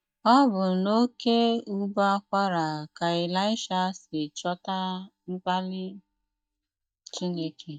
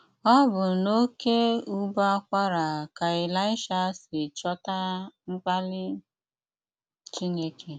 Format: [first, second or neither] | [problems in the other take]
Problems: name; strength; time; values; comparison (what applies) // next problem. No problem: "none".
second | noise reduction (neural mask model DeepFilterNet 3)